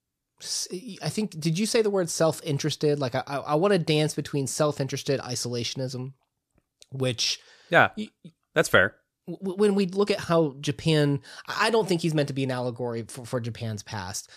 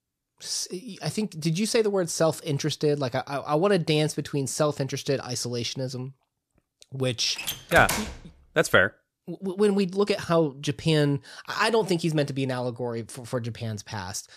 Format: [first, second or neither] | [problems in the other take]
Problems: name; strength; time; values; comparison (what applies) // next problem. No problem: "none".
first | door banging; noticeable; at 7.5 s; peak 2 dB below the speech